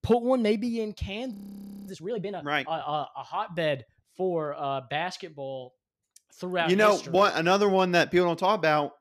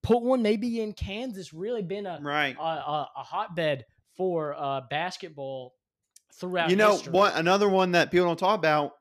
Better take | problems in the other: second | audio freezing; at 1.5 s for 0.5 s

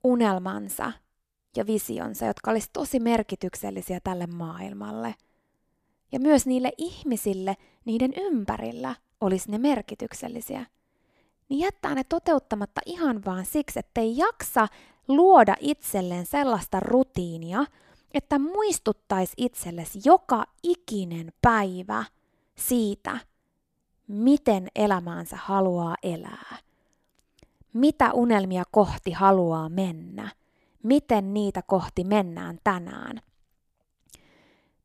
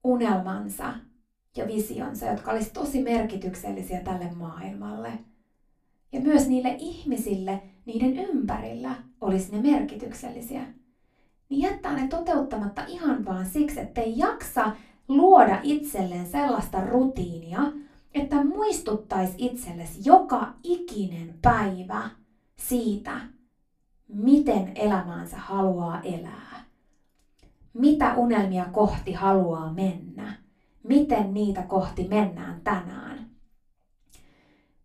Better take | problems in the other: first | off-mic speech; far // room echo; very slight; dies away in 0.2 s

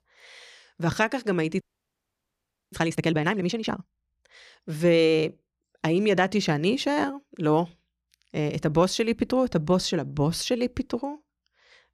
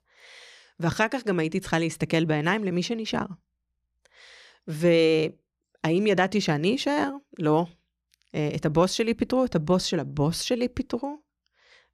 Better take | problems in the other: second | audio freezing; at 1.5 s for 1 s

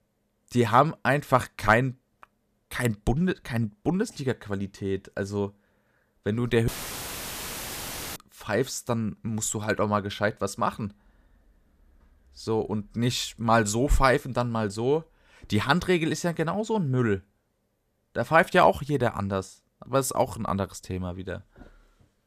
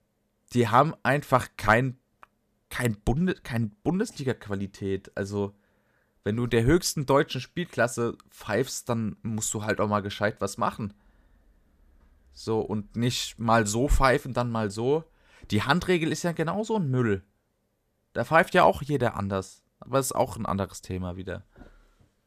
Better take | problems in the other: second | audio cutting out; filled with static; at 6.5 s for 1.5 s

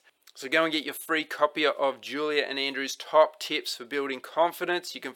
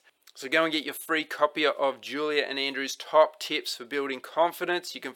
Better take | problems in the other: neither | thin; somewhat; fading below 600 Hz; the same in both

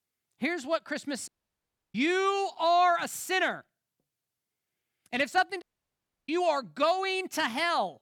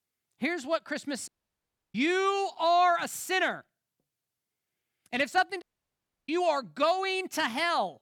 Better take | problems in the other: neither | audio cutting out; at 1.5 s for 0.5 s and at 5.5 s for 0.5 s; the same in both

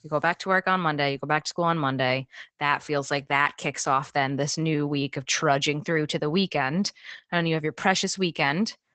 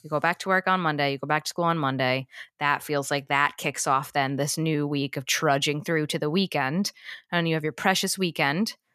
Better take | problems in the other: second | garbled, watery; badly; nothing above 7.5 kHz

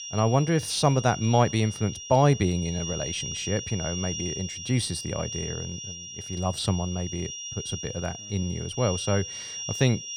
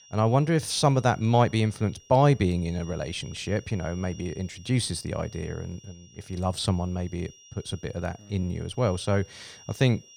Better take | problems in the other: second | high-pitched whine; loud; throughout; 5.5 kHz, 8 dB below the speech; faint in the second

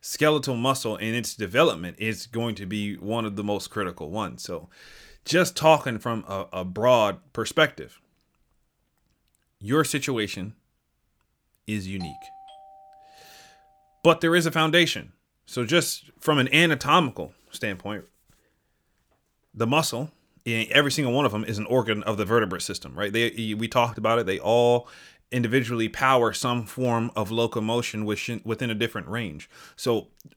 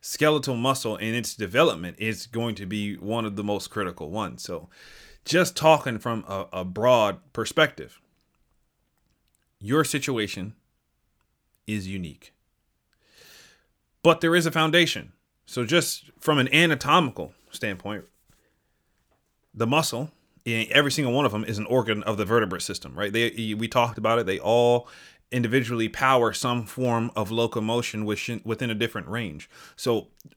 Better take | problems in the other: second | doorbell; faint; from 12 to 14 s; peak 20 dB below the speech

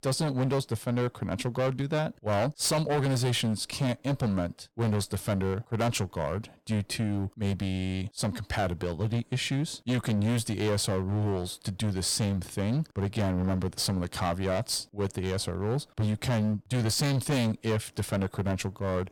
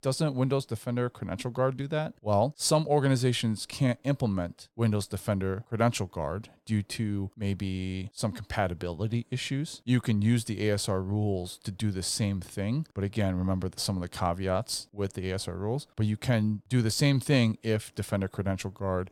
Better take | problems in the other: second | distortion; heavy; 15% of the sound clipped

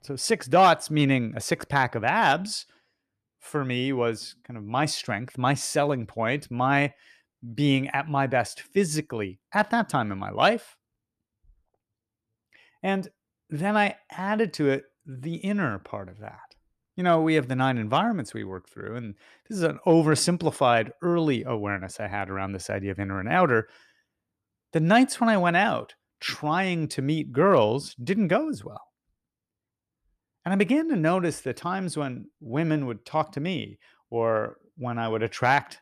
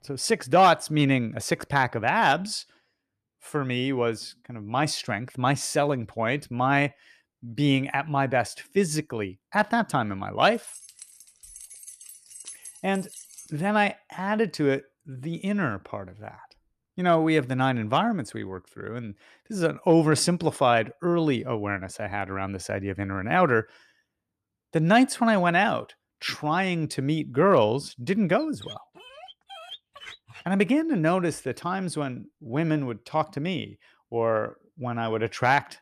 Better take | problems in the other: first | jangling keys; faint; from 11 to 14 s; peak 15 dB below the speech // dog barking; faint; from 28 to 30 s; peak 15 dB below the speech

